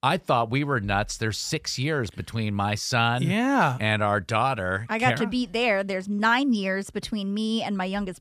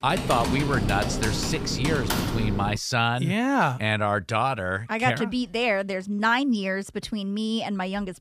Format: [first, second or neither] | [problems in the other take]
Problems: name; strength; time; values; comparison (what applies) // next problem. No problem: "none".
first | keyboard typing; noticeable; until 3 s; peak 1 dB below the speech